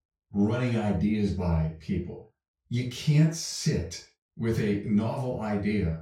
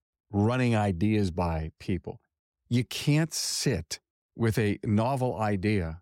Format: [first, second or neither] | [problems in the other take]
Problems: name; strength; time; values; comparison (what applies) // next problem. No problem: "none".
second | room echo; noticeable; dies away in 0.3 s // off-mic speech; far